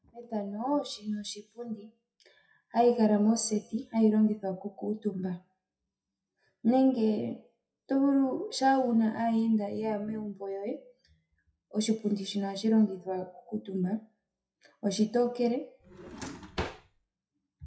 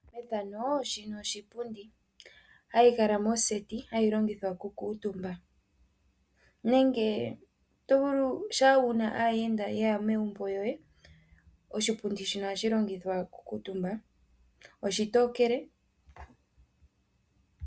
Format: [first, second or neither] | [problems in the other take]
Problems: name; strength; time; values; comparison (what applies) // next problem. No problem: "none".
second | noise reduction (classical method WPE with log-MMSE)